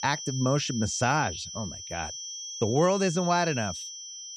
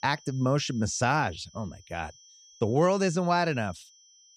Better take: second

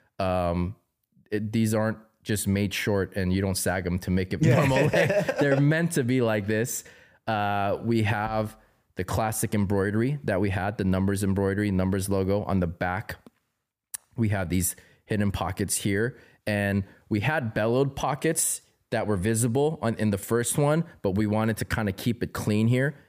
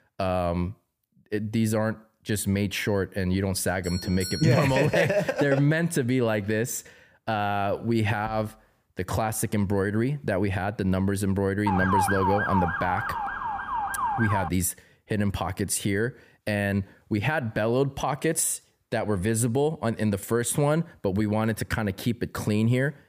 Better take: first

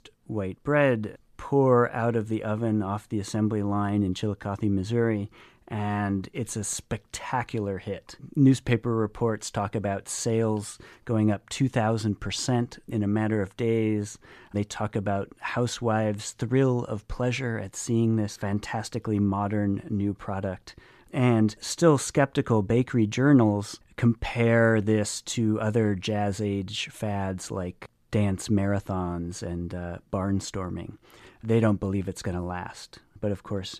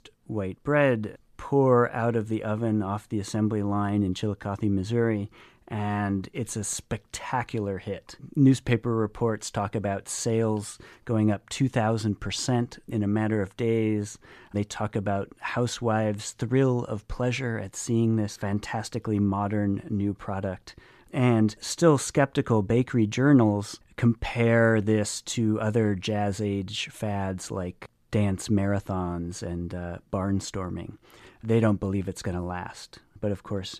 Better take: neither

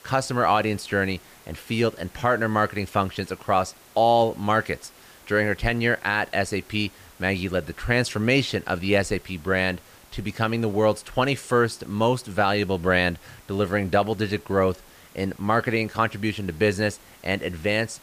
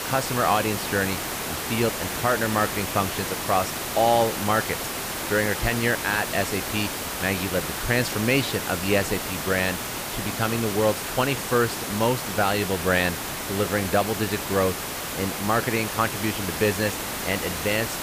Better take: first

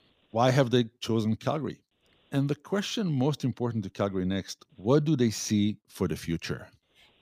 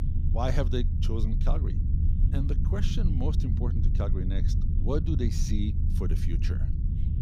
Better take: first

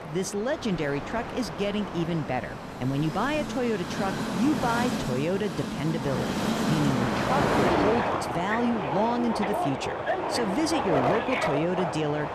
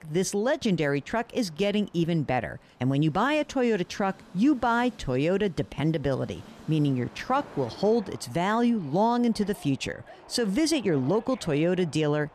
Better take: second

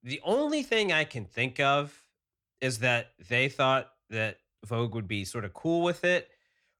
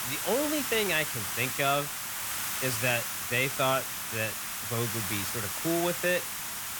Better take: first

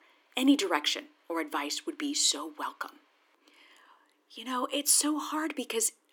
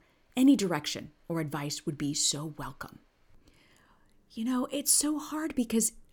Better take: second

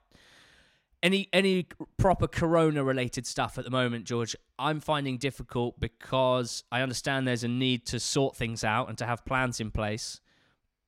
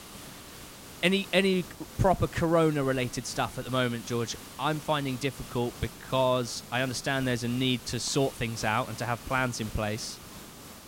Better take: first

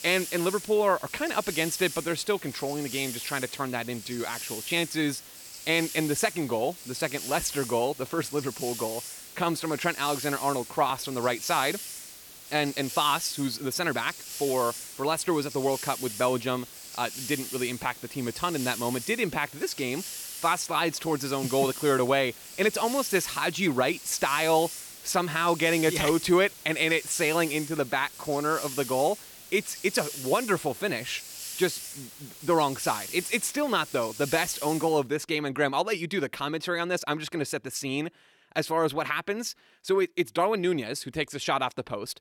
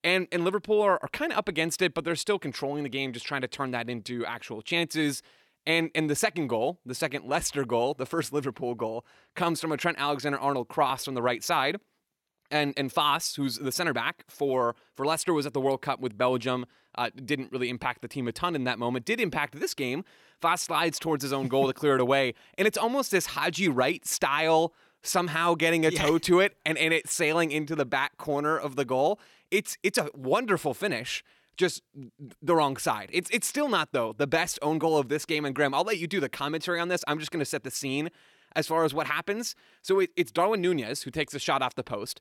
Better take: second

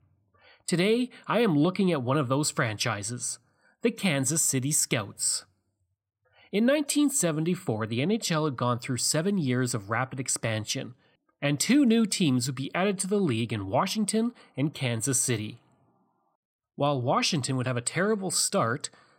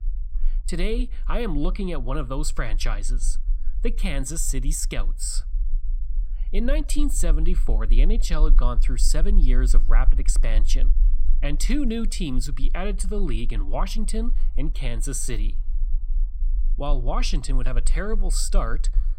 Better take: first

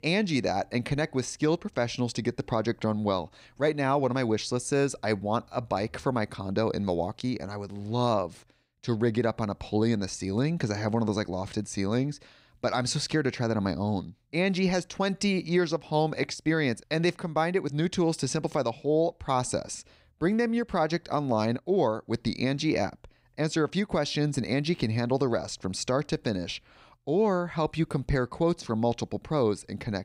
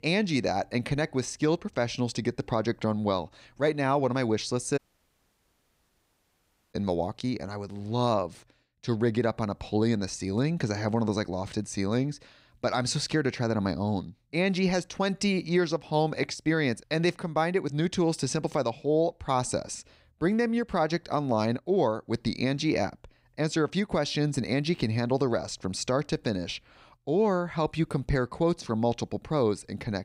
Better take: first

